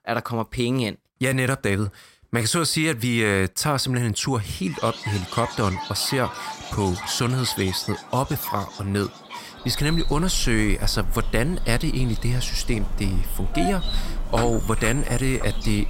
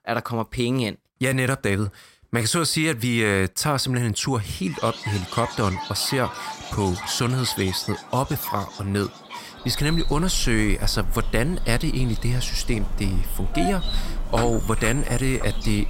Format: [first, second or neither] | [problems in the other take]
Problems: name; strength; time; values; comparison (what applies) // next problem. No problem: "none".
neither | animal sounds; loud; from 5 s on; 9 dB below the speech; the same in both